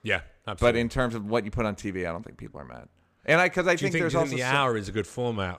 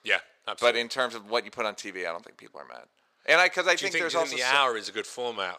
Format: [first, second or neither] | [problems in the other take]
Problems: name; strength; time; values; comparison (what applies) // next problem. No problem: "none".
first | thin; very; fading below 550 Hz